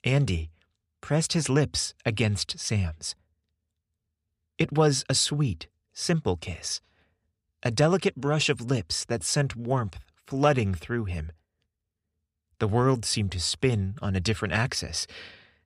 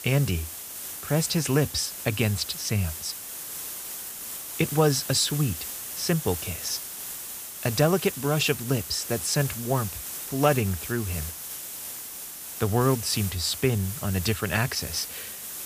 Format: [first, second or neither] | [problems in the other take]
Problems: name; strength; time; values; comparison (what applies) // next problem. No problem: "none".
first | hiss; loud; throughout; 7 dB below the speech